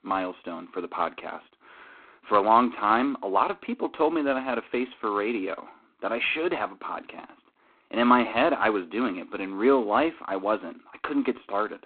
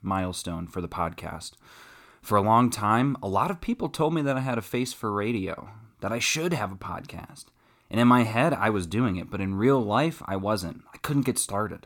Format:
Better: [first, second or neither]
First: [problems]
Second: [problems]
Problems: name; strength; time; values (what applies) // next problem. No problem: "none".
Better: second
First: phone-call audio; poor line; nothing above 4 kHz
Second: none